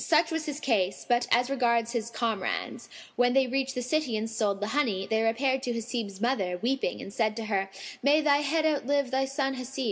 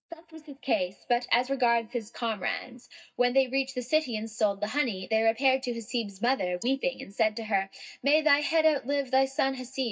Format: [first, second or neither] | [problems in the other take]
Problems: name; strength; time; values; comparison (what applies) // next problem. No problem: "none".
first | noise reduction (neural mask model DeepFilterNet 3)